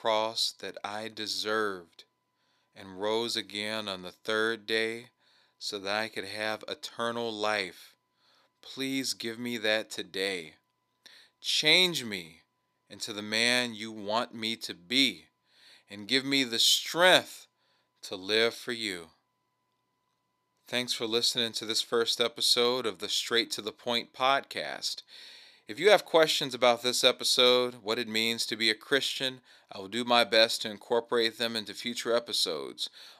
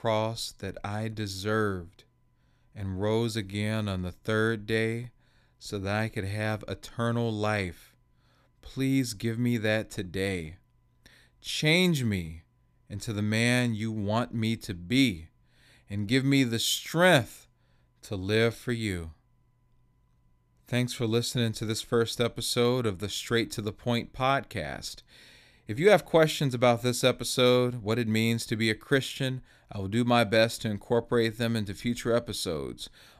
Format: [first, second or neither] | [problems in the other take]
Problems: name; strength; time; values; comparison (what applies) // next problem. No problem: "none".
second | thin; somewhat; fading below 350 Hz